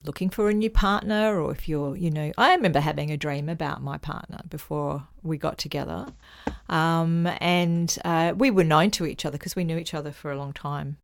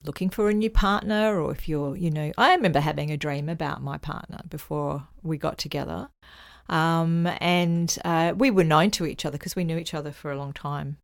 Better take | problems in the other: second | footsteps; faint; at 6 s; peak 10 dB below the speech

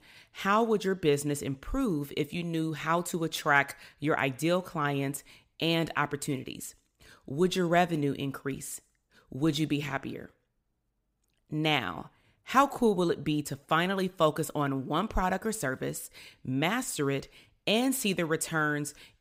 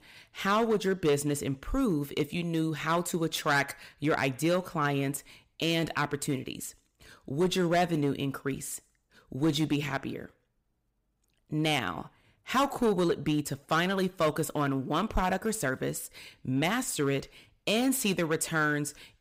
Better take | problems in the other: first | distortion; slight; 4% of the sound clipped

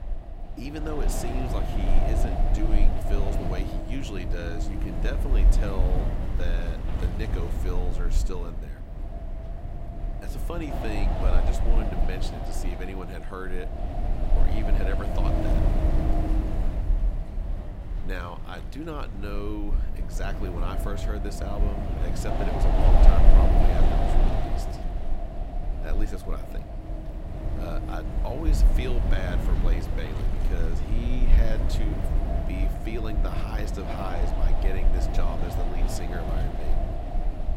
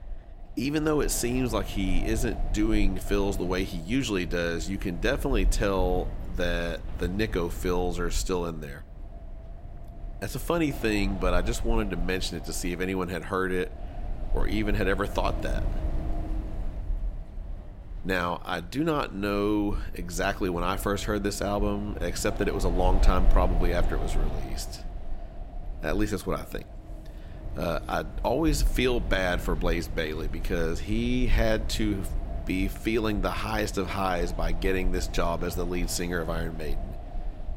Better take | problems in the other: second | wind noise on the microphone; heavy; 1 dB above the speech; occasional gusts in the second

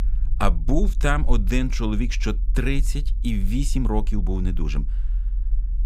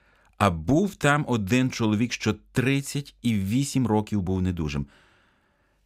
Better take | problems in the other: second | low rumble; faint; throughout; 20 dB below the speech

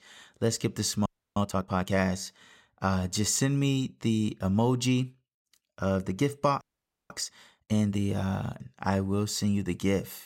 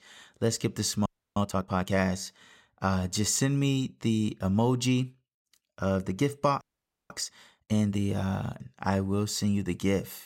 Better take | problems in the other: neither | audio freezing; at 1 s and at 6.5 s; the same in both

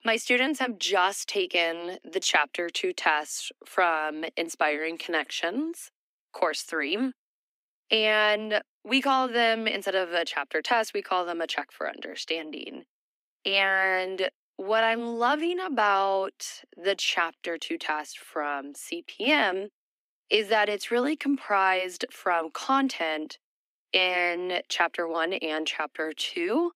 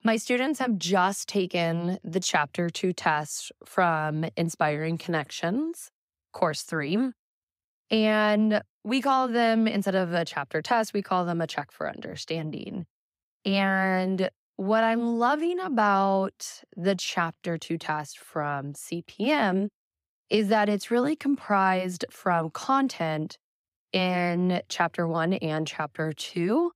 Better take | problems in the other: second | thin; somewhat; fading below 250 Hz

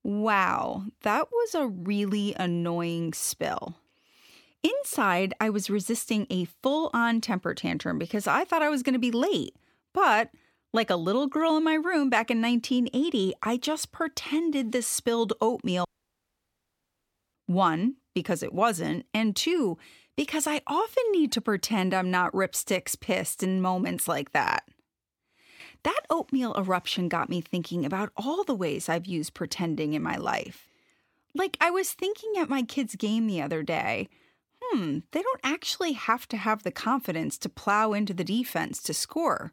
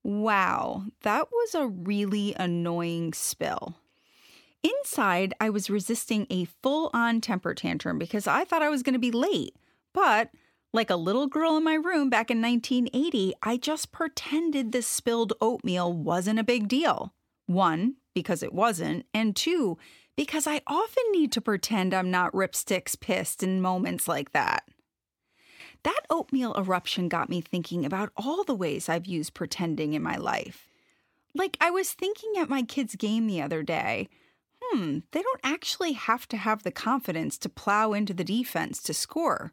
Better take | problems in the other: second | audio cutting out; at 16 s for 1.5 s

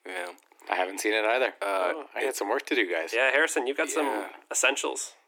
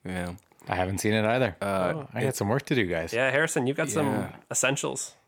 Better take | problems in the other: second | thin; somewhat; fading below 300 Hz

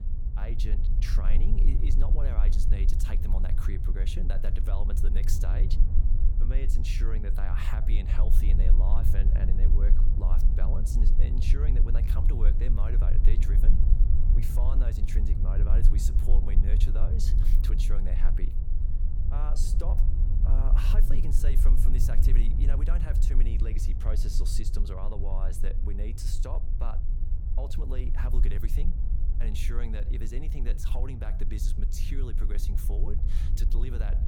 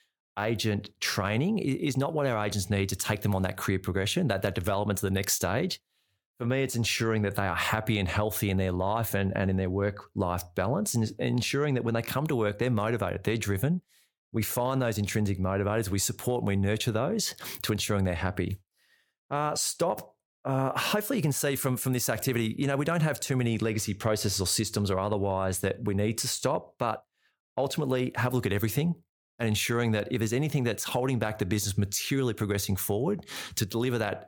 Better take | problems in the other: second | low rumble; loud; throughout; 4 dB below the speech

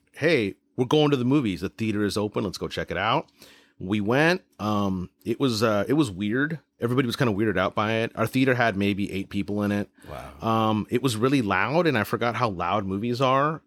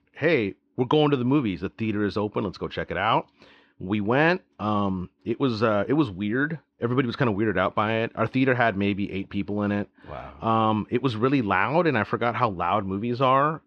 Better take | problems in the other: first | muffled; slightly; fading above 3.5 kHz

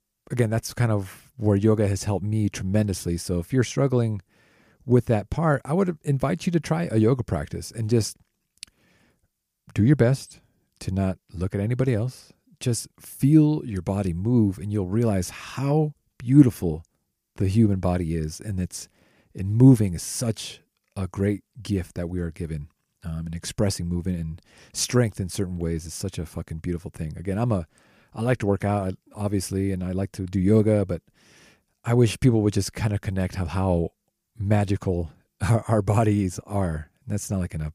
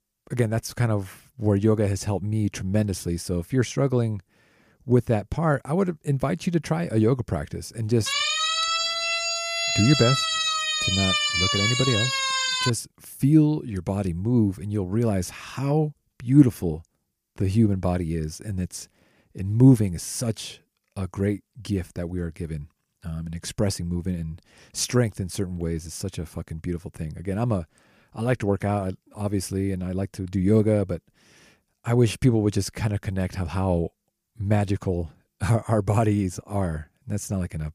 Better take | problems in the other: first | siren; loud; from 8 to 13 s; peak 4 dB above the speech

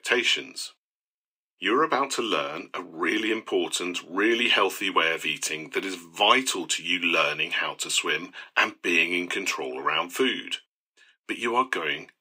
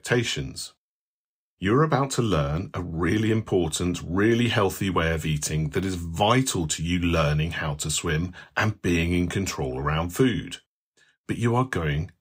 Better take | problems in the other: second | thin; somewhat; fading below 300 Hz

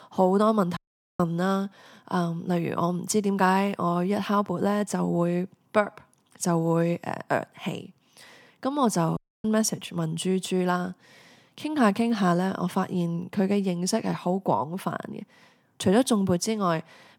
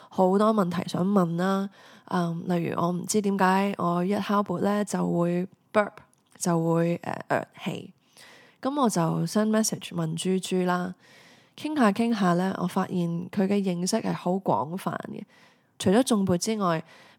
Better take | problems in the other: second | audio cutting out; at 1 s and at 9 s

